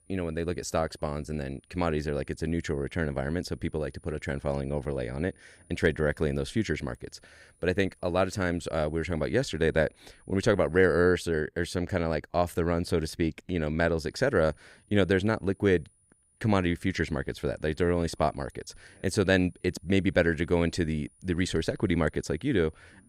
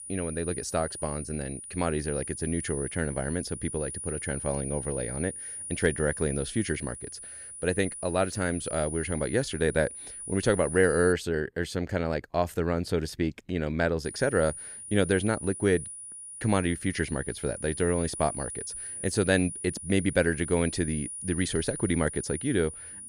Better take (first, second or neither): first